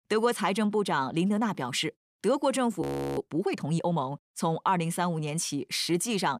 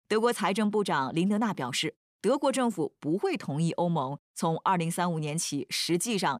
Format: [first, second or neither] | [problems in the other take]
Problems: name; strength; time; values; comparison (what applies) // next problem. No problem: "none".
second | audio freezing; at 3 s